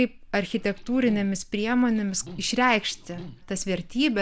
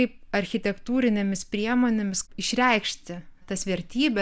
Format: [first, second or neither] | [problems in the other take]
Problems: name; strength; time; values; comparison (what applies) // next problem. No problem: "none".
second | background sound (Liquid); 20 dB below the speech